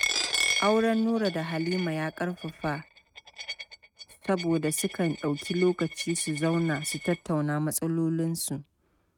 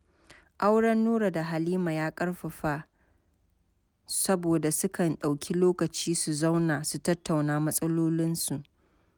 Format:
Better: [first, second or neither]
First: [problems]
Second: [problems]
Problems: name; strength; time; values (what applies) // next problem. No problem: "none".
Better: second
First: noise reduction (neural mask model RNNoise)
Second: none